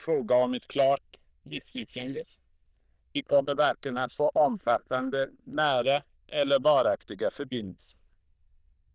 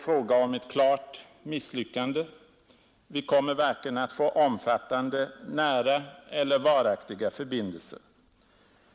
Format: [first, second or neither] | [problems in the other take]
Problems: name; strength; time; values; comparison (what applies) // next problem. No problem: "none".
second | noise reduction (neural diffusion model UNIVERSE++)